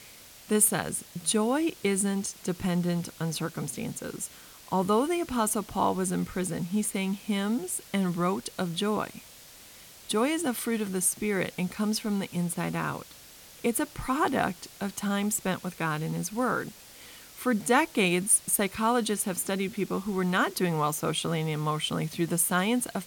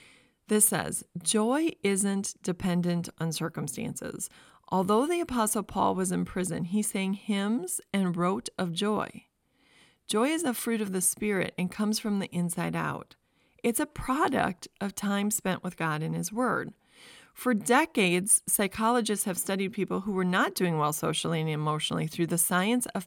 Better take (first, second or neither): second